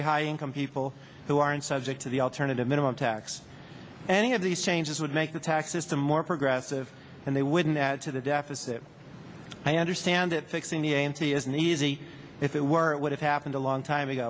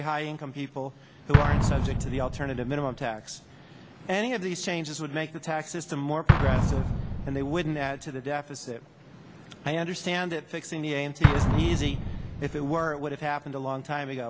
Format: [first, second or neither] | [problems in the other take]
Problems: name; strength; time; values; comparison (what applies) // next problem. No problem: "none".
first | background sound (Explosion); 2 dB above the speech